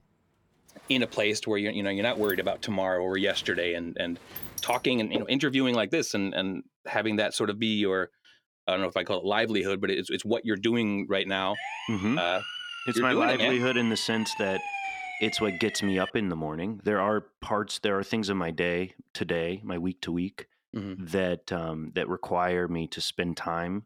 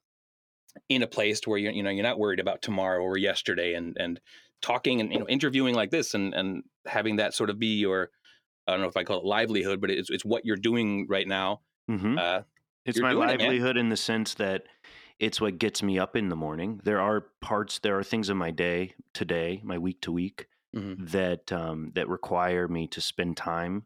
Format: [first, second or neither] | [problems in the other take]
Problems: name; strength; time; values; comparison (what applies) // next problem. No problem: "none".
second | door banging; noticeable; from 1 to 5 s; peak 8 dB below the speech // siren; noticeable; from 12 to 16 s; peak 5 dB below the speech